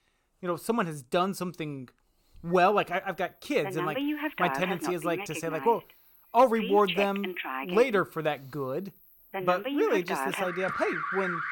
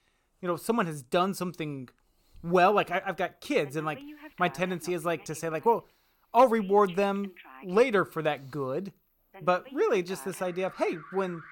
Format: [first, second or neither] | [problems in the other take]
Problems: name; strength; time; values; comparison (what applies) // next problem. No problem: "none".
second | alarms or sirens; loud; from 3 s on; 5 dB below the speech; faint in the second